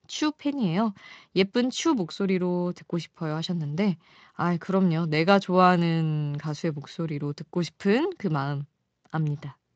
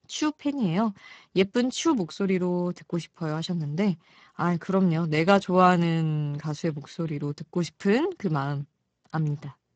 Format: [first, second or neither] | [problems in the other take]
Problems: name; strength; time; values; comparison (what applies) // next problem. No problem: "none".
first | garbled, watery; badly; nothing above 7.5 kHz; slightly in the first